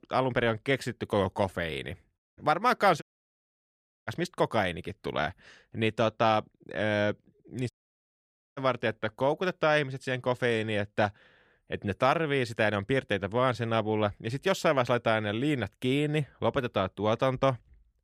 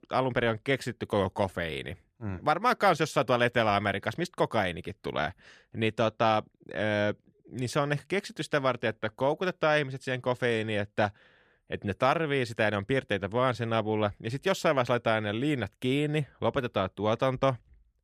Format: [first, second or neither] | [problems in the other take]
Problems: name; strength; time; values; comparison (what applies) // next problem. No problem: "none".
second | audio cutting out; at 2 s, at 3 s for 1 s and at 7.5 s for 1 s